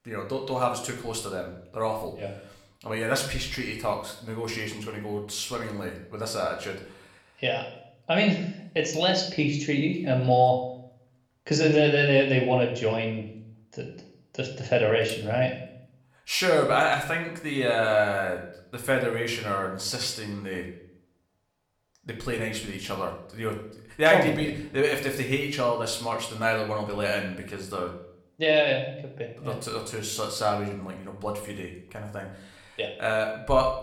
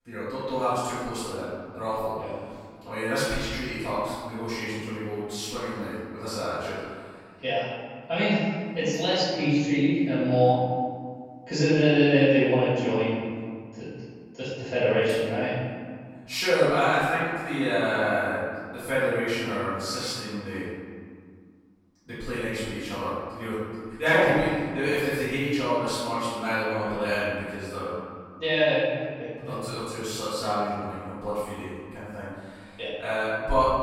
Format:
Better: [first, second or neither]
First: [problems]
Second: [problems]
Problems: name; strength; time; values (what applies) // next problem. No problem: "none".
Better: first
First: room echo; slight; dies away in 0.6 s // off-mic speech; somewhat distant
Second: room echo; strong; dies away in 1.9 s // off-mic speech; far